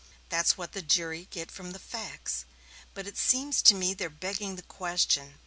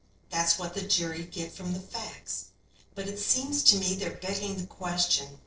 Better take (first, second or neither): first